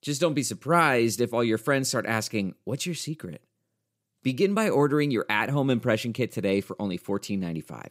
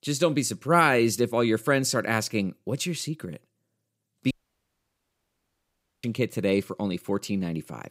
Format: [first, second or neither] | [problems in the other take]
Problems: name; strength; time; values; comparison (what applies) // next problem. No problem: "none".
first | audio cutting out; at 4.5 s for 1.5 s